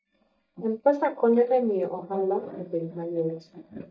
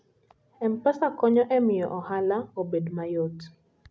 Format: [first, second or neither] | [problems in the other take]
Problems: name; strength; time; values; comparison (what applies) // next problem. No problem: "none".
second | noise reduction (neural mask model DeepFilterNet 3)